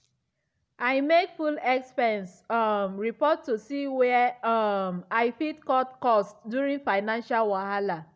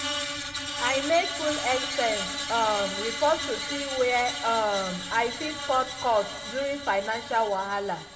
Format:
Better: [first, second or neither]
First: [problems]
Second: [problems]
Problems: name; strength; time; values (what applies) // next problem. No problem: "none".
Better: first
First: none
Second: background sound (Screech); 6 dB below the speech // room echo; dies away in 1.3 s